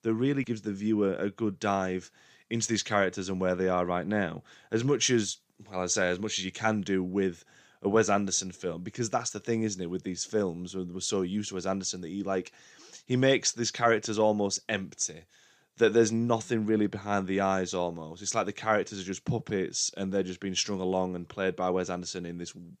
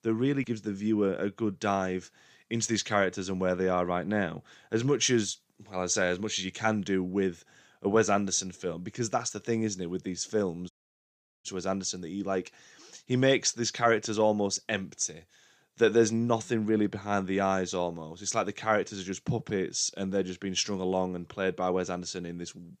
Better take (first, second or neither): first